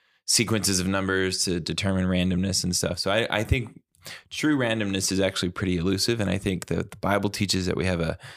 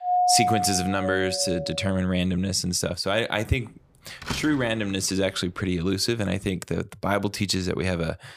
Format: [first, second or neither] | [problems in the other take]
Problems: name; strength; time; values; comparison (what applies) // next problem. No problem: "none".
first | doorbell; loud; until 2 s; peak 4 dB above the speech // door banging; noticeable; at 4 s; peak 7 dB below the speech